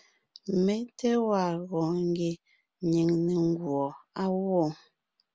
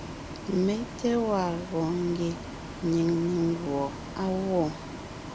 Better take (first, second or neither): first